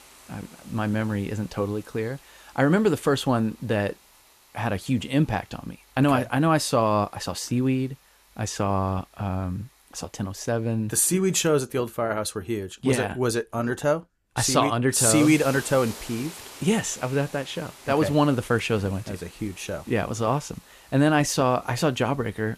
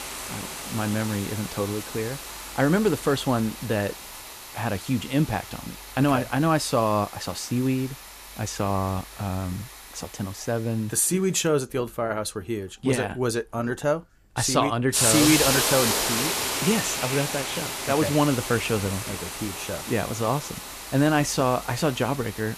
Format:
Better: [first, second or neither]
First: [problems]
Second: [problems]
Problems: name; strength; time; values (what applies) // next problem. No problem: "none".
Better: first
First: hiss; faint; throughout; 20 dB below the speech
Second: hiss; loud; throughout; 4 dB below the speech